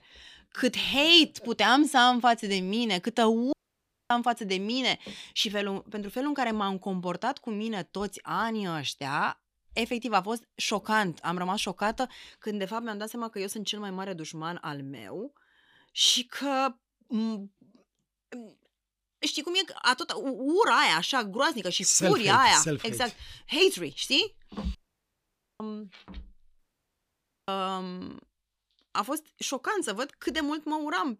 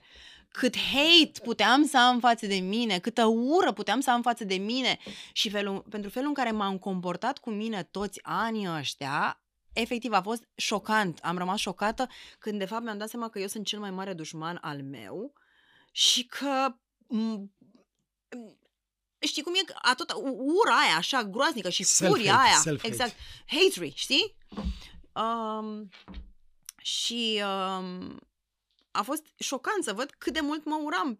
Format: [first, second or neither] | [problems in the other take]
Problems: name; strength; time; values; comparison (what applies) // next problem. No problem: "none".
second | audio cutting out; at 3.5 s for 0.5 s, at 25 s for 1 s and at 27 s for 1 s